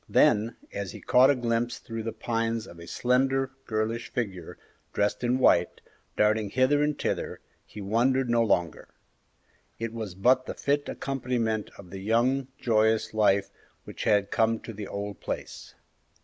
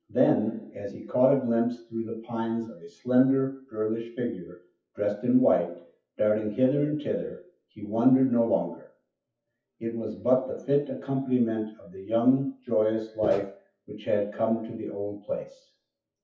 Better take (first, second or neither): first